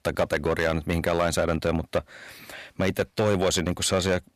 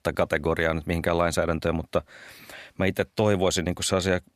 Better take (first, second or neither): second